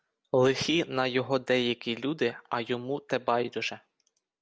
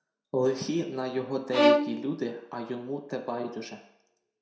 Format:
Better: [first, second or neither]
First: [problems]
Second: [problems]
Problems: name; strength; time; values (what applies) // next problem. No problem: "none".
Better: first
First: none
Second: background sound (Bowed string instrument); 5 dB above the speech // room echo; dies away in 0.5 s